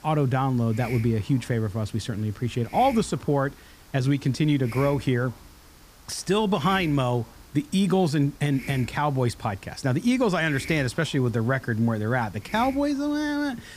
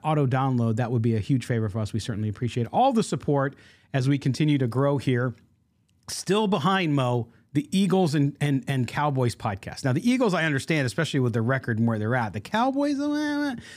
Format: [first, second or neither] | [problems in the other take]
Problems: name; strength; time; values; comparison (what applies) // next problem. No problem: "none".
second | hiss; noticeable; throughout; 20 dB below the speech